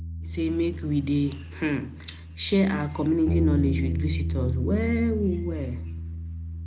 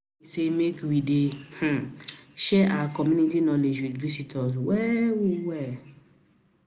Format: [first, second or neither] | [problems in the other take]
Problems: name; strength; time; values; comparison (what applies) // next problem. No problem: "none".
second | background sound (Bass guitar); 3 dB below the speech